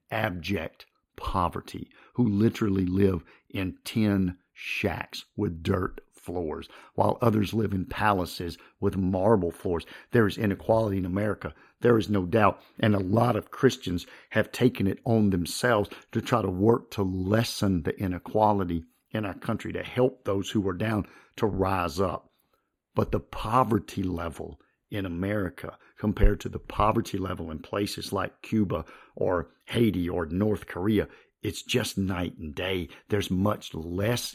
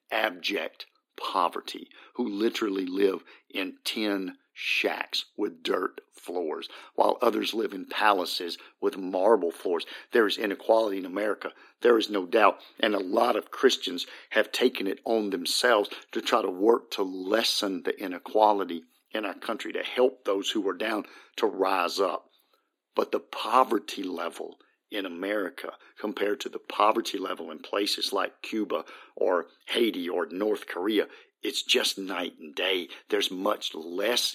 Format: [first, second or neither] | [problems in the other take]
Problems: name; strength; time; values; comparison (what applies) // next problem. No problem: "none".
first | thin; somewhat; fading below 300 Hz